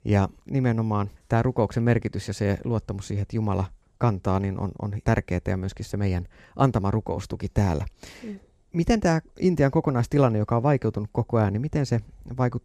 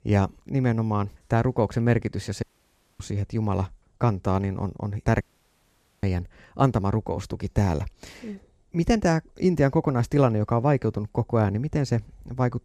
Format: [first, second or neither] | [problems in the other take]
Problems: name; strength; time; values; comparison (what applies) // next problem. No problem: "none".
first | audio cutting out; at 2.5 s for 0.5 s and at 5 s for 1 s